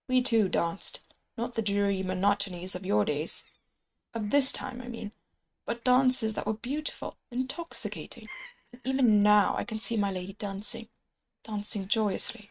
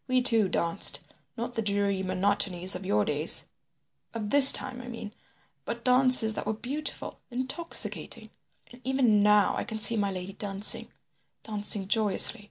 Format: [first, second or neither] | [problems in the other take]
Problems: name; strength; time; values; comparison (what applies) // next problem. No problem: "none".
second | noise reduction (neural mask model RNNoise)